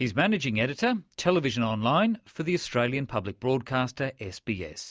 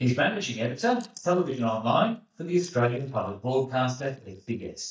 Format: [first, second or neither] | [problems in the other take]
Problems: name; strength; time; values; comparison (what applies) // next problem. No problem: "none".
first | noise reduction (neural mask model DeepFilterNet 3)